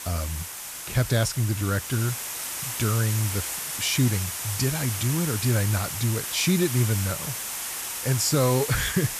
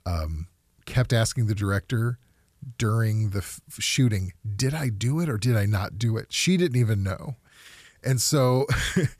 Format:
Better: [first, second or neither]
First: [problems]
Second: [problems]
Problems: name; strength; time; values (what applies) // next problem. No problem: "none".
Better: second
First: hiss; loud; throughout; 4 dB below the speech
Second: none